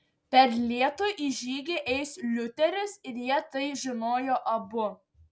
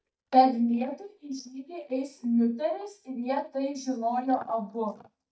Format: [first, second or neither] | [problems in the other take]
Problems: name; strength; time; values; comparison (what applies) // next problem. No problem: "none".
first | noise reduction (neural mask model DeepFilterNet 3)